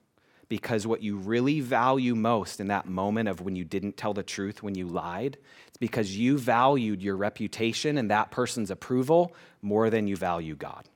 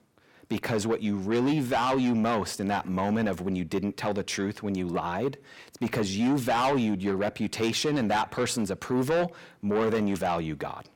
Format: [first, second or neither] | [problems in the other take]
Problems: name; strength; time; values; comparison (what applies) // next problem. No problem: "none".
first | distortion; heavy; 7 dB below the speech